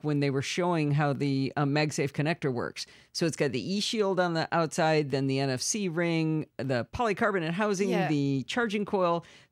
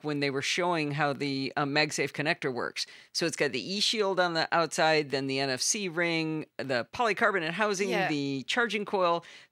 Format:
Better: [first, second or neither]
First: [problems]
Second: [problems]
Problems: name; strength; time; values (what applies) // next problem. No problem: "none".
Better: first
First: none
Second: thin; very slightly; fading below 850 Hz